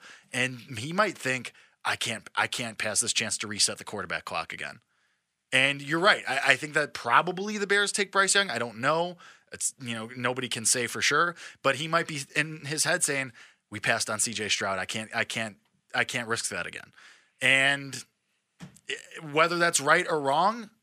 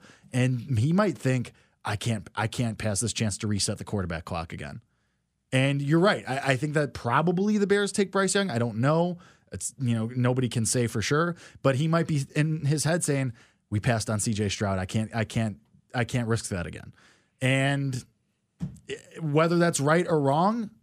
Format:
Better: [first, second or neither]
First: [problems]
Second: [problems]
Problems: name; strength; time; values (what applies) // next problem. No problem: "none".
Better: second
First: thin; somewhat; fading below 1 kHz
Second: none